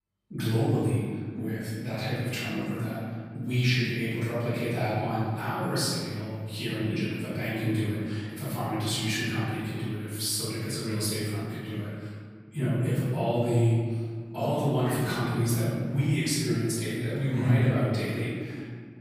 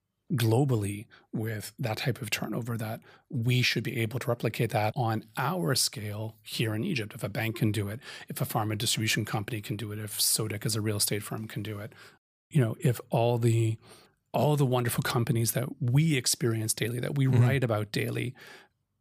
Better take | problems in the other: second | off-mic speech; far // room echo; strong; dies away in 1.7 s

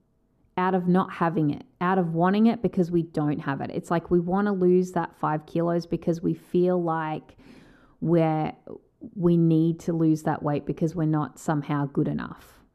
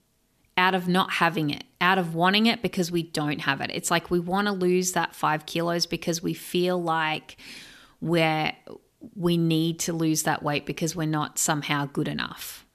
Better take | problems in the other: second | muffled; very; fading above 1 kHz

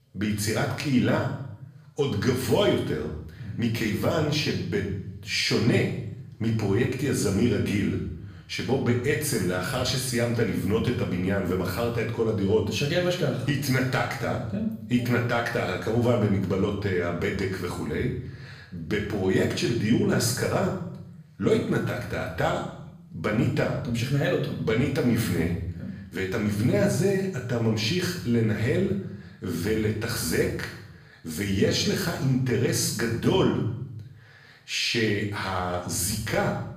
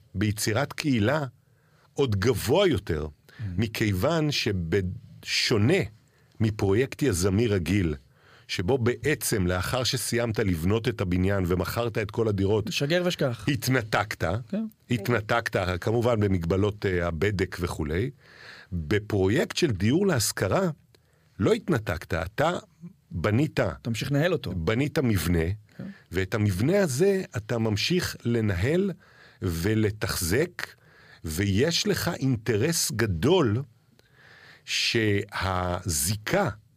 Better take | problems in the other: second | room echo; noticeable; dies away in 0.7 s // off-mic speech; far

